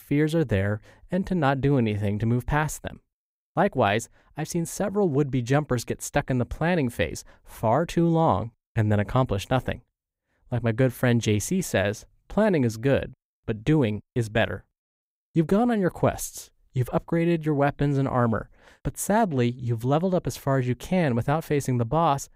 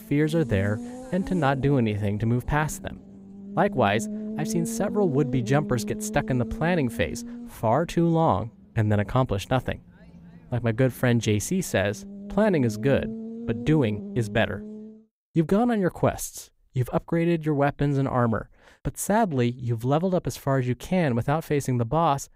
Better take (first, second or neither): first